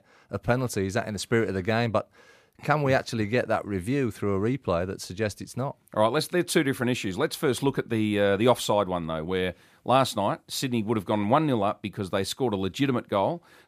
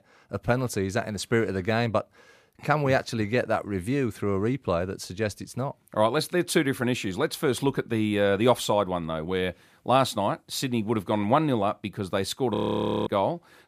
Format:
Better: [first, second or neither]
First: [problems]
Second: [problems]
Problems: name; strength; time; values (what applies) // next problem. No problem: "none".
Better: first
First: none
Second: audio freezing; at 13 s for 0.5 s